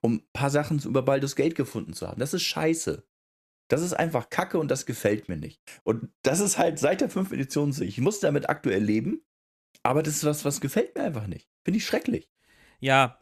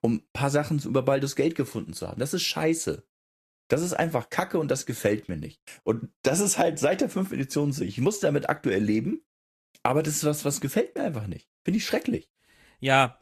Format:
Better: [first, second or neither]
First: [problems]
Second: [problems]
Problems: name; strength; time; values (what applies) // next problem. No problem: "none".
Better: first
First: none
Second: garbled, watery; slightly; nothing above 14.5 kHz